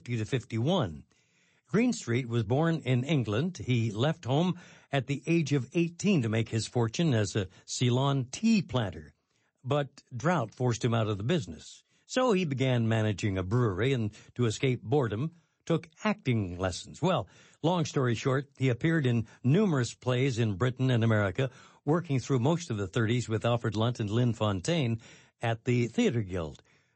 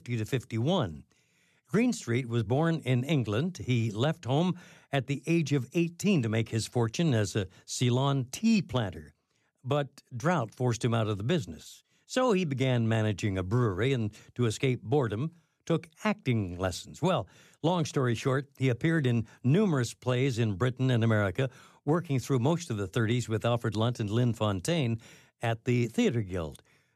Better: second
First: garbled, watery; slightly; nothing above 8 kHz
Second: none

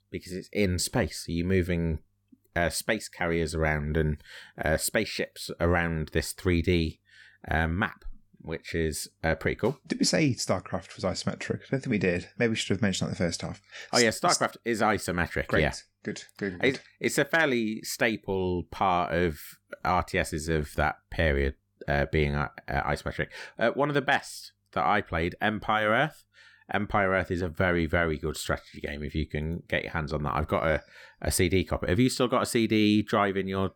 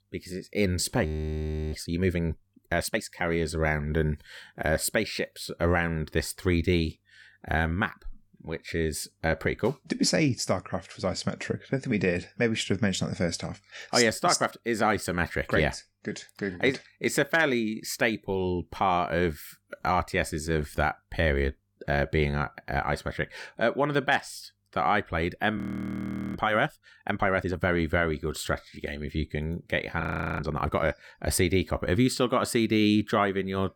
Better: first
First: none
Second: audio freezing; at 1 s for 0.5 s, at 26 s for 1 s and at 30 s

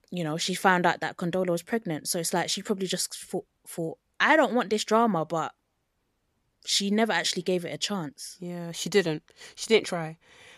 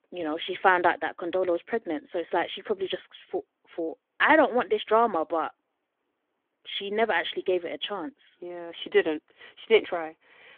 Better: first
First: none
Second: phone-call audio; nothing above 3.5 kHz

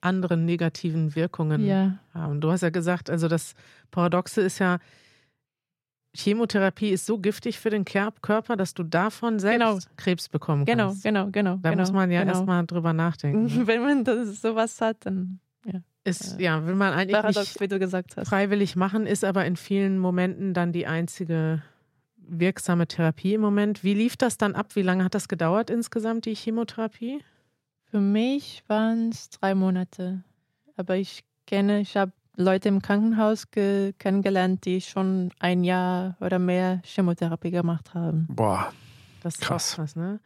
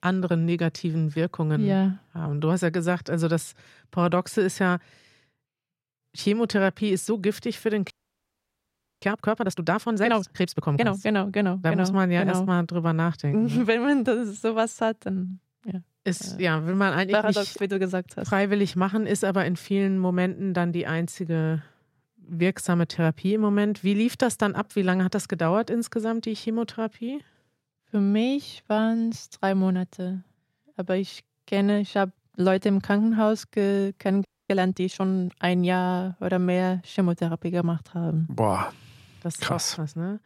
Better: first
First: none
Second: audio freezing; at 8 s for 1 s and at 34 s

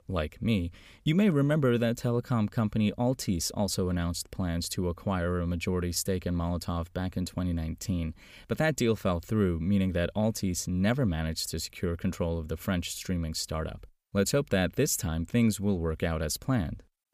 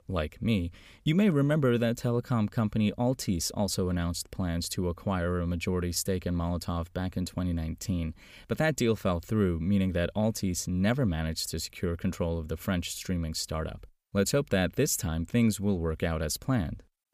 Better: neither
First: none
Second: none

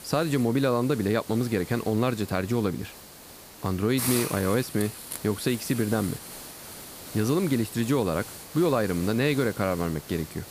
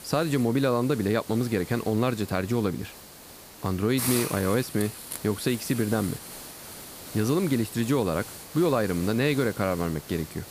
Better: neither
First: hiss; noticeable; throughout; 10 dB below the speech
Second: hiss; noticeable; throughout; 10 dB below the speech

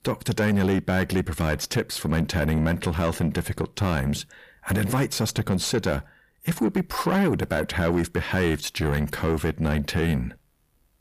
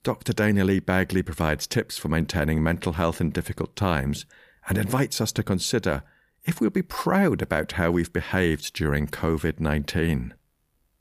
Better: second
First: distortion; slight; 10 dB below the speech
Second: none

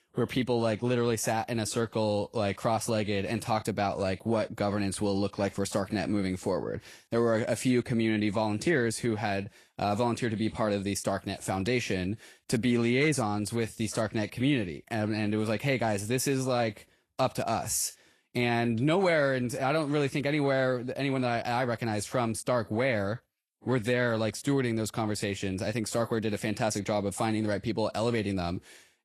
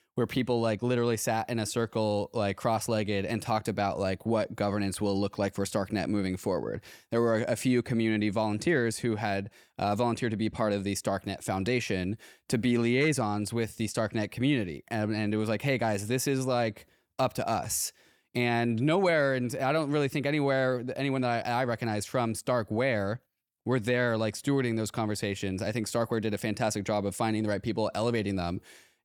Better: second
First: garbled, watery; slightly; nothing above 12.5 kHz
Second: none

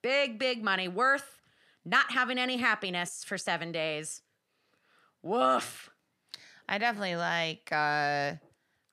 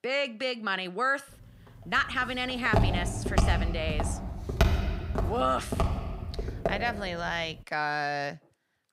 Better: first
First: none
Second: footsteps; loud; from 2.5 to 7 s; peak 4 dB above the speech

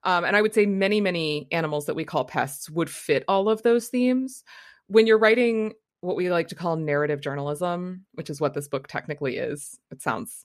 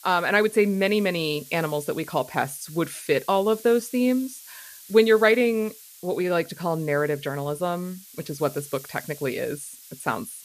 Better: first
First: none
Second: hiss; noticeable; throughout; 20 dB below the speech

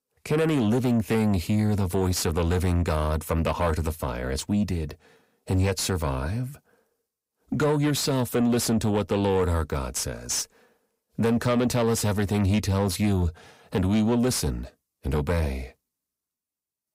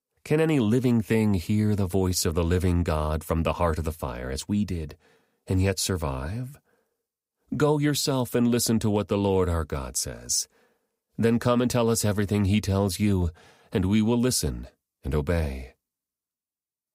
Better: second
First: distortion; slight; 10 dB below the speech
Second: none

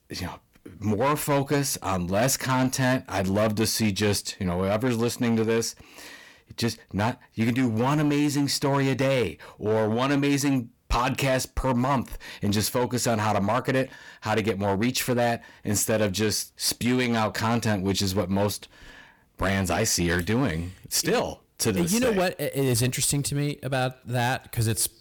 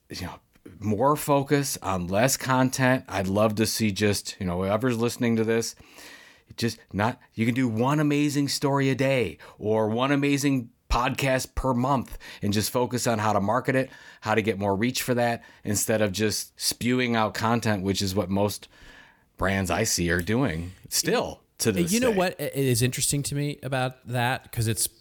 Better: second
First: distortion; slight; 9% of the sound clipped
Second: none

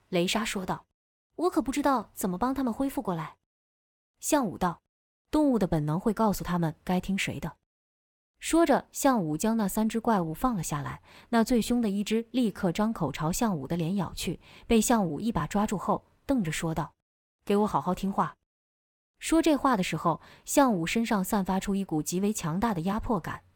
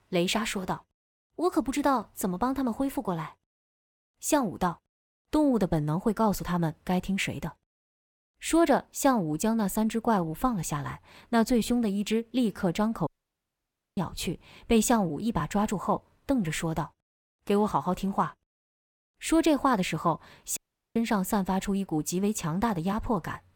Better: first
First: none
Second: audio cutting out; at 13 s for 1 s and at 21 s

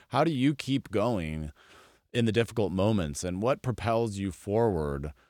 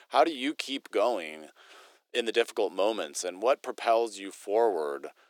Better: first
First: none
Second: thin; very; fading below 350 Hz

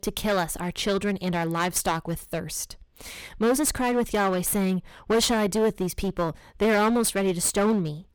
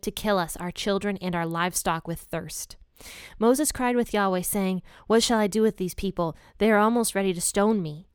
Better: second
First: distortion; heavy; 10% of the sound clipped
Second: none

